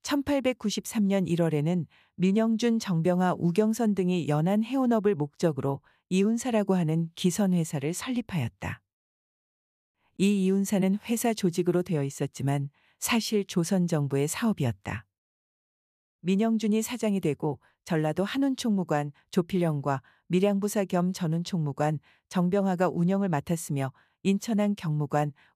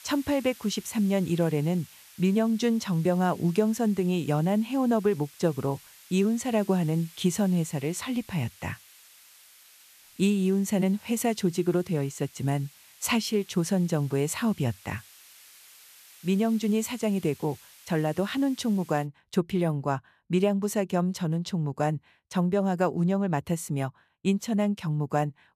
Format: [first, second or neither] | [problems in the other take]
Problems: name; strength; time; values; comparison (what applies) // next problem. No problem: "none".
first | hiss; faint; until 19 s; 25 dB below the speech